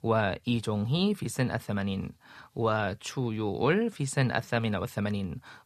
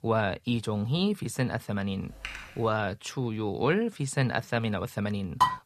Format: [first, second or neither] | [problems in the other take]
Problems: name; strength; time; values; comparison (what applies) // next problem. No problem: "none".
first | keyboard typing; noticeable; at 2 s; peak 10 dB below the speech // clattering dishes; very faint; at 5.5 s; peak 3 dB above the speech